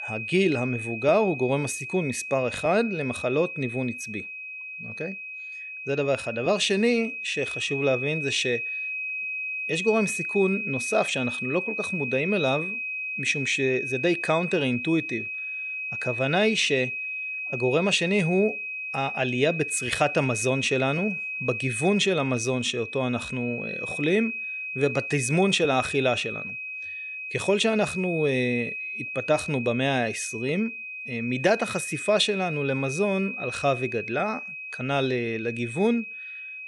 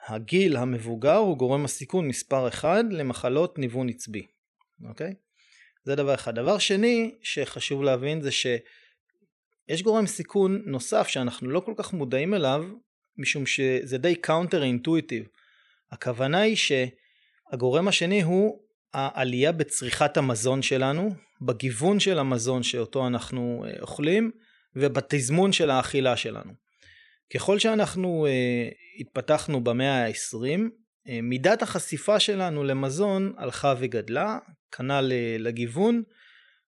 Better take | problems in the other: second | high-pitched whine; loud; throughout; 2.5 kHz, 5 dB below the speech

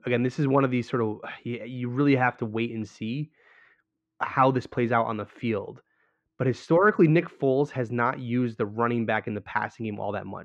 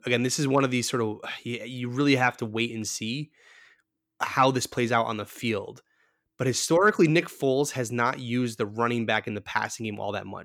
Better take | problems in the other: second | muffled; very; fading above 2 kHz

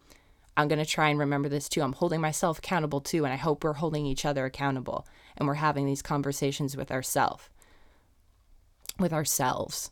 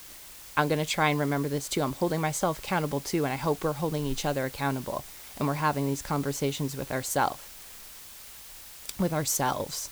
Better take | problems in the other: first | hiss; noticeable; throughout; 15 dB below the speech

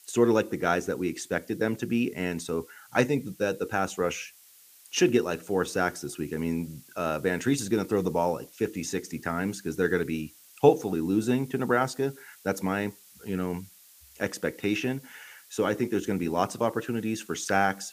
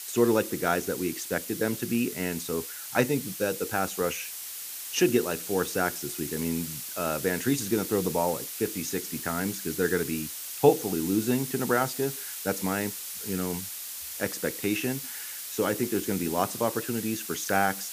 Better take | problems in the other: first | hiss; loud; throughout; 6 dB below the speech; faint in the first

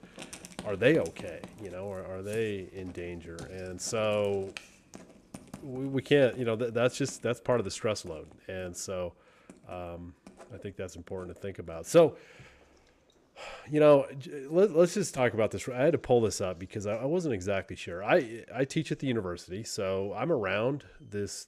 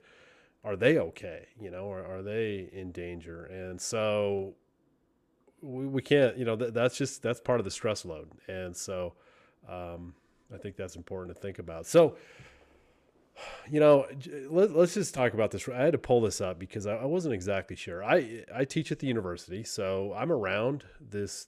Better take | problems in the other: second | household noises; faint; throughout; 20 dB below the speech

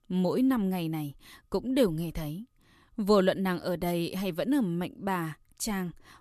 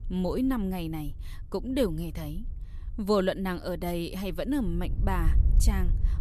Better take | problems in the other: first | wind noise on the microphone; occasional gusts; 20 dB below the speech

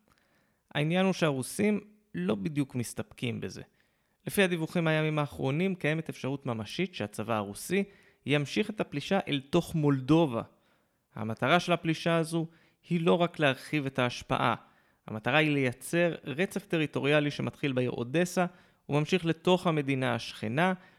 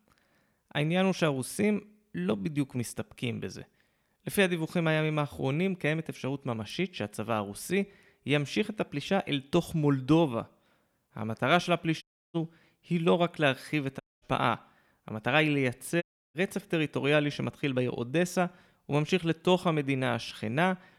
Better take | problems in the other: first | audio cutting out; at 12 s, at 14 s and at 16 s

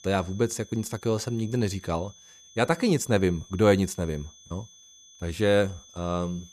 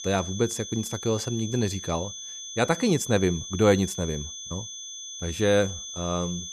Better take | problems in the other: first | high-pitched whine; loud; throughout; 6 kHz, 9 dB below the speech; faint in the first

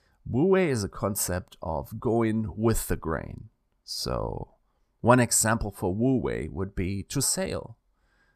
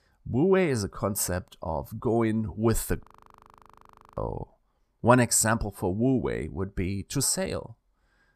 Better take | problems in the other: first | audio freezing; at 3 s for 1 s

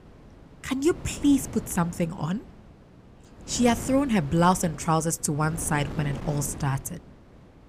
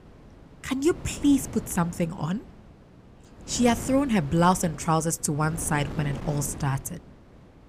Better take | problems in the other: neither | wind noise on the microphone; occasional gusts; 15 dB below the speech; the same in both

